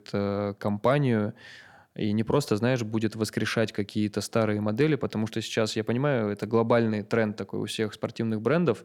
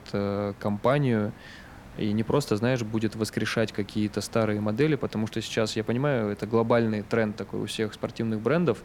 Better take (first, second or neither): first